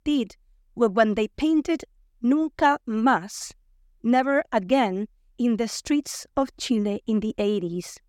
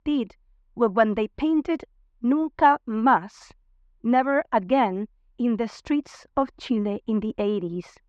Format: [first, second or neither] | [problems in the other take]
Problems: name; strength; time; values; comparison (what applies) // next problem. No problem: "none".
first | muffled; slightly; fading above 3 kHz